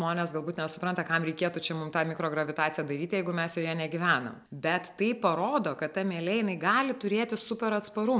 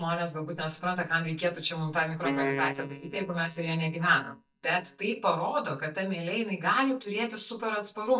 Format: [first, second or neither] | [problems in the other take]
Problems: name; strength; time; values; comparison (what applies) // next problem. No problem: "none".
first | noise reduction (neural mask model DeepFilterNet 3)